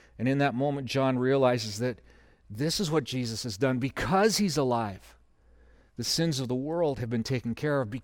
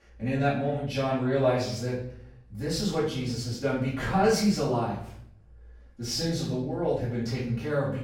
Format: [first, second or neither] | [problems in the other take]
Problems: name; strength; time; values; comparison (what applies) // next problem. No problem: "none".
first | off-mic speech; far // room echo; noticeable; dies away in 0.6 s